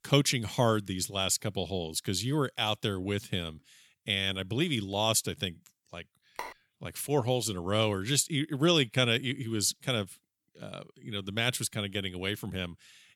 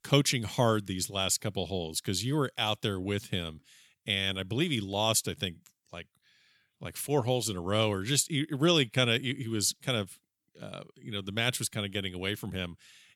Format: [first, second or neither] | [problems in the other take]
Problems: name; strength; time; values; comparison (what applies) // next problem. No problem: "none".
second | phone ringing; faint; at 6.5 s; peak 15 dB below the speech